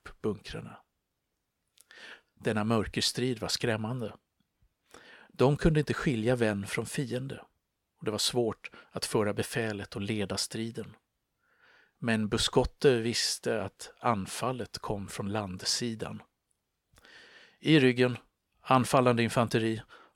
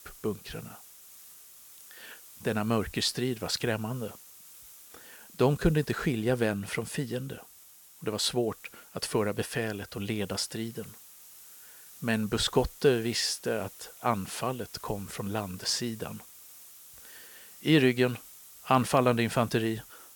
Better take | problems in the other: first | hiss; noticeable; throughout; 20 dB below the speech

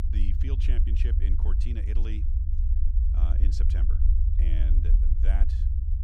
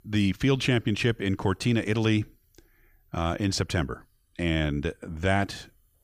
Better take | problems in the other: second | low rumble; loud; throughout; as loud as the speech

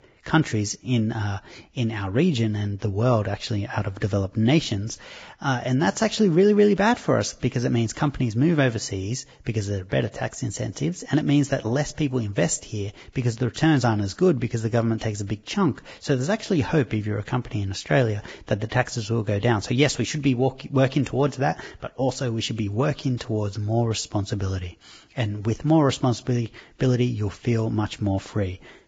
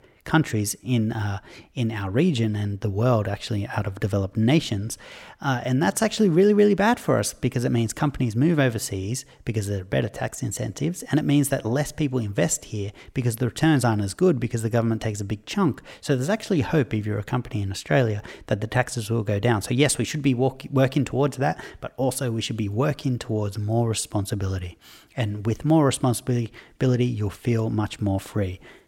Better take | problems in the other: second | garbled, watery; badly; nothing above 7.5 kHz

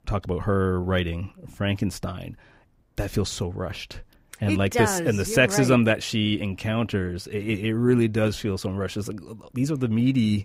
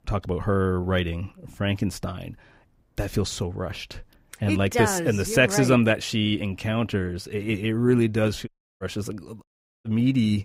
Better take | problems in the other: first | audio cutting out; at 8.5 s and at 9.5 s

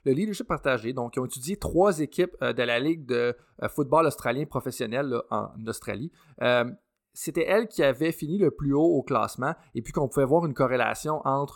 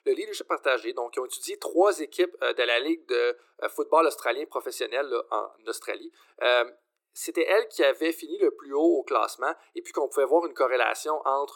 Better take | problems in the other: first | thin; very; fading below 350 Hz

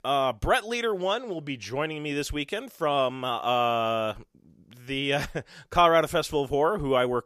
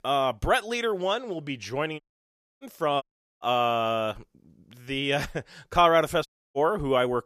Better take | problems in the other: first | audio cutting out; at 2 s for 0.5 s, at 3 s and at 6.5 s

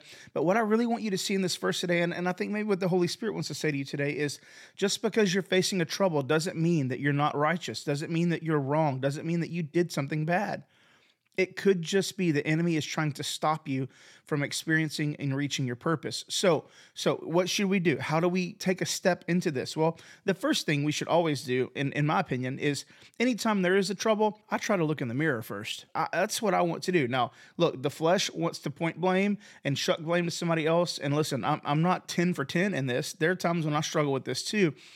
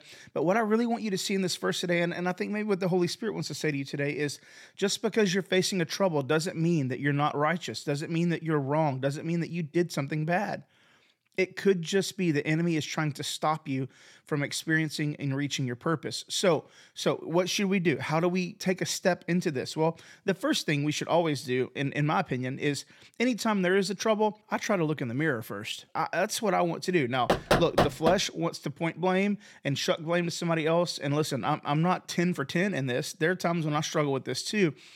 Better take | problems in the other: first | door banging; loud; at 27 s; peak 4 dB above the speech

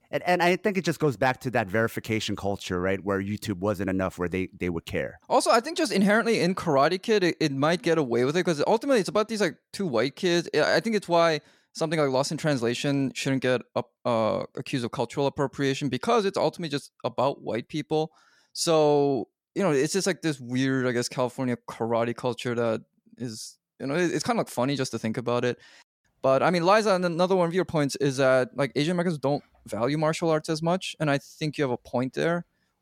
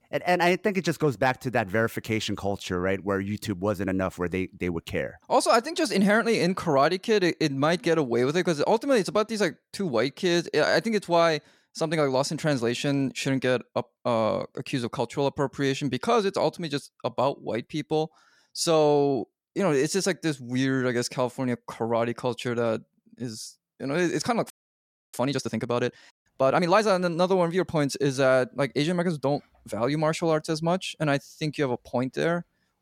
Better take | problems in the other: first | audio freezing; at 25 s for 0.5 s

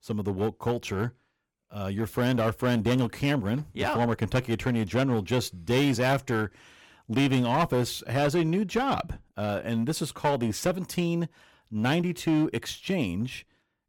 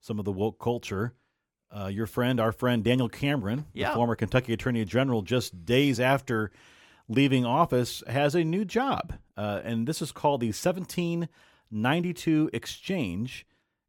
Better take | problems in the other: second | distortion; slight; 8% of the sound clipped

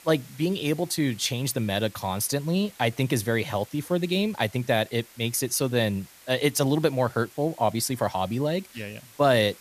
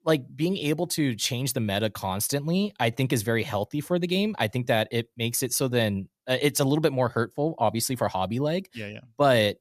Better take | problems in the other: second | hiss; faint; throughout; 25 dB below the speech

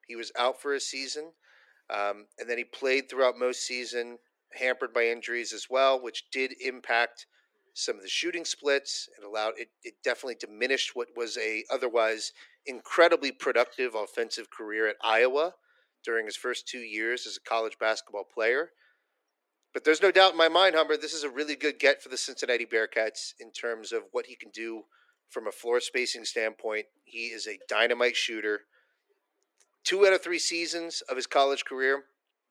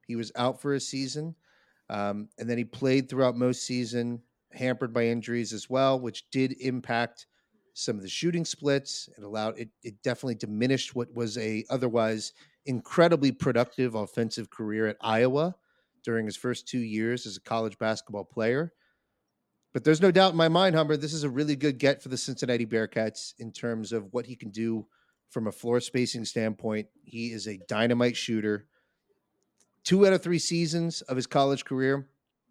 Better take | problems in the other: second | thin; very; fading below 350 Hz

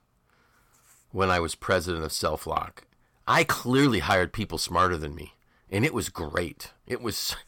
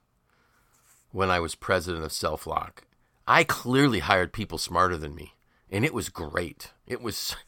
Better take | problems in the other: second | distortion; slight; 10 dB below the speech

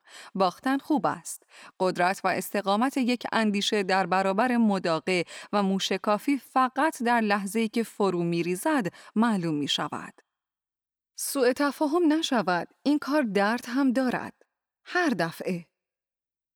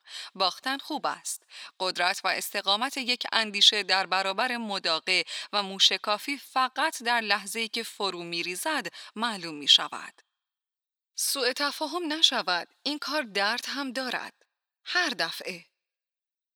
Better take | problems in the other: first | thin; somewhat; fading below 1 kHz

